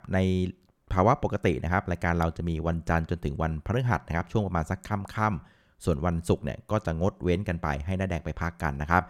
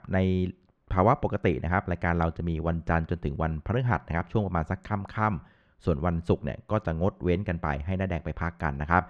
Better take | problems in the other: first | muffled; slightly; fading above 3 kHz

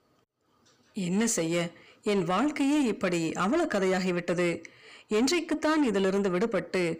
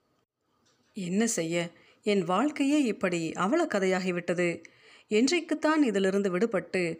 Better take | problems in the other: second | distortion; slight; 10 dB below the speech

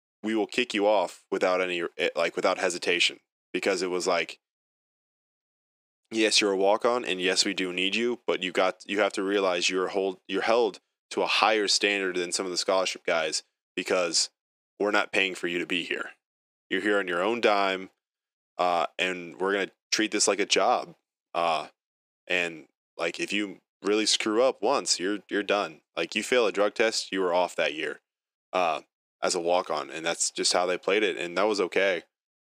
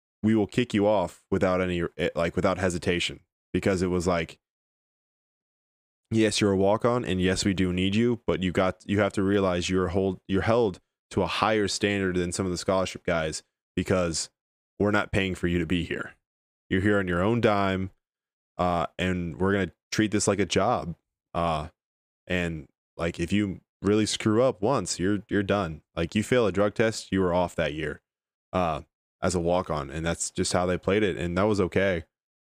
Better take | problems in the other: second | thin; somewhat; fading below 300 Hz

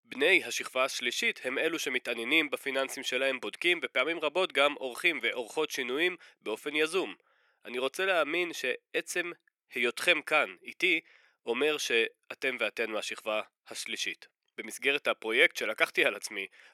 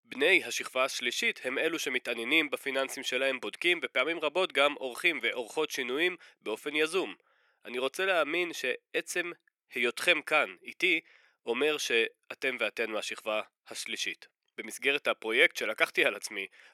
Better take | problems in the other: neither | thin; somewhat; fading below 400 Hz; the same in both

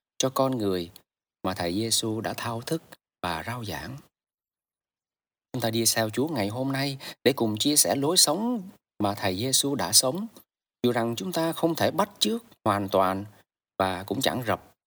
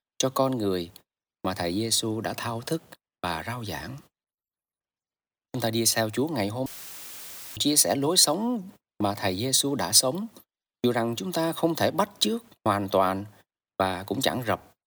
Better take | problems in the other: first | audio cutting out; filled with static; at 6.5 s for 1 s

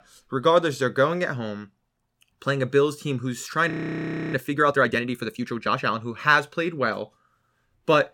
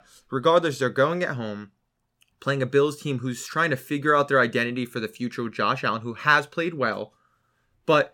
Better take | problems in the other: second | audio freezing; at 3.5 s for 0.5 s

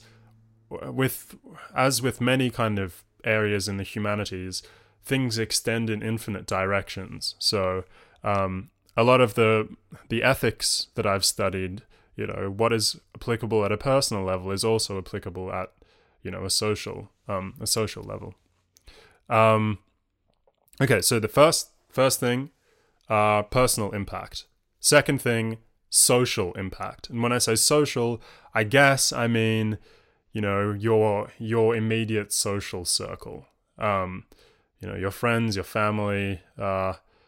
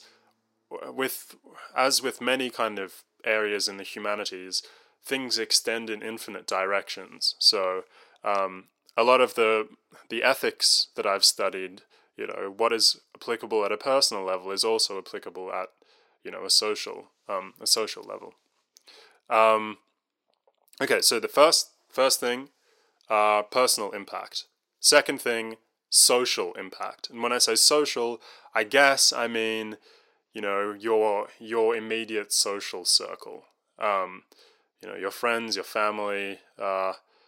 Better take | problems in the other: first | thin; somewhat; fading below 300 Hz

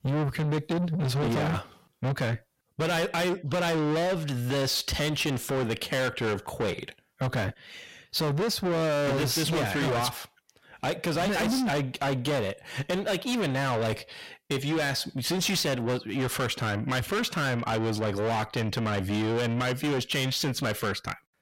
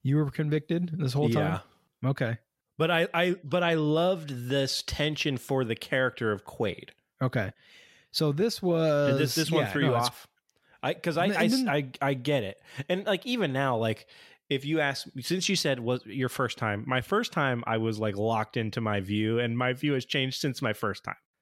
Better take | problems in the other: second | distortion; heavy; 6 dB below the speech

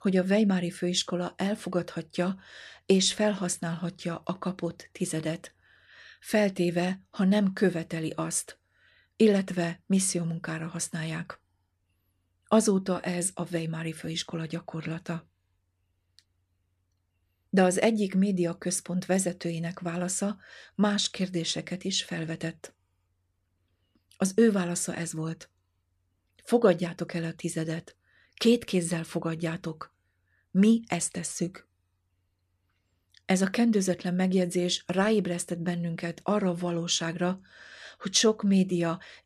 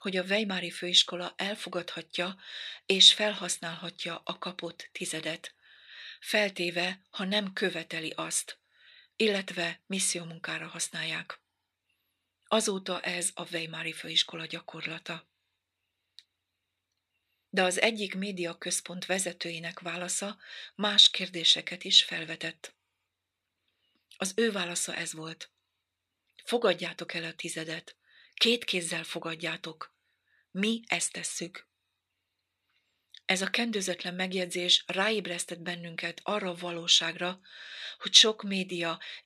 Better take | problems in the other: first | thin; somewhat; fading below 1 kHz

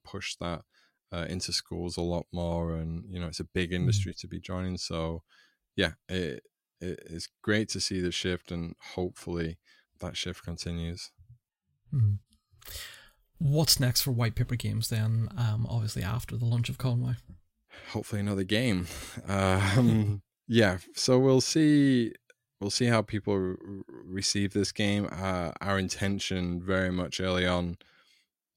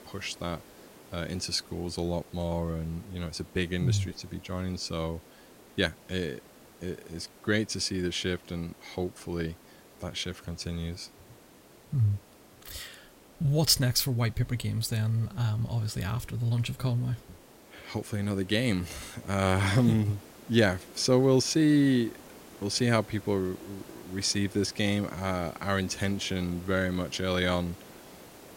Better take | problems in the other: first | hiss; faint; throughout; 20 dB below the speech

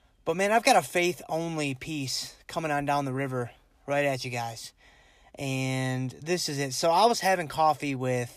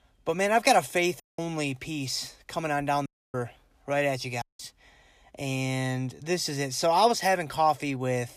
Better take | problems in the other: first | audio cutting out; at 1 s, at 3 s and at 4.5 s

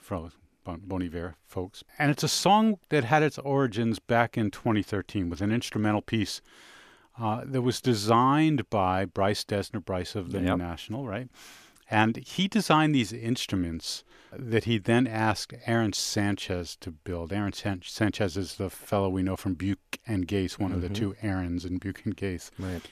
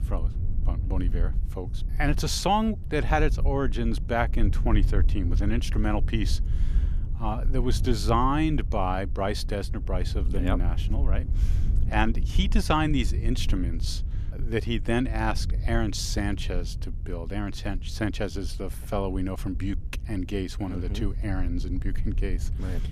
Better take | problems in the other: first | low rumble; noticeable; throughout; 15 dB below the speech

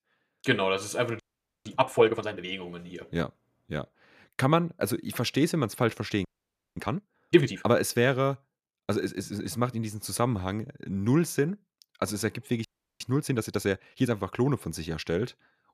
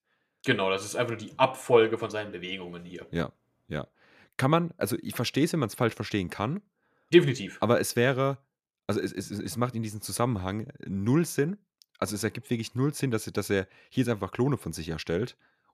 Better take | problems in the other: second | audio freezing; at 1 s, at 6.5 s for 0.5 s and at 13 s

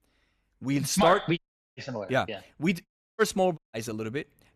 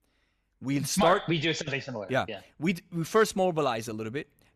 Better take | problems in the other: second | audio cutting out; at 1.5 s, at 3 s and at 3.5 s

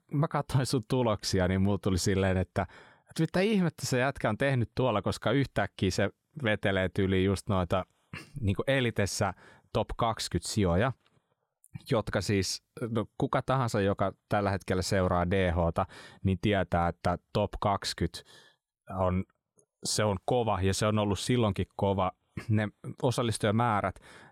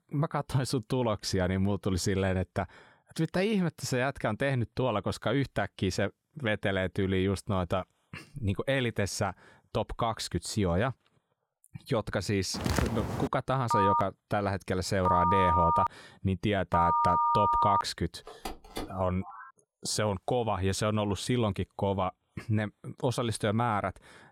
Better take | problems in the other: first | footsteps; loud; at 13 s; peak level with the speech // phone ringing; loud; from 14 to 18 s; peak 5 dB above the speech // phone ringing; noticeable; from 18 to 20 s; peak 10 dB below the speech

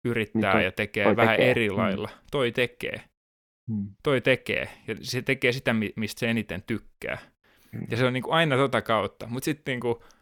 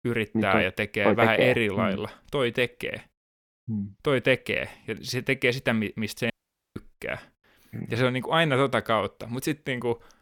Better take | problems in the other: first | audio cutting out; at 6.5 s

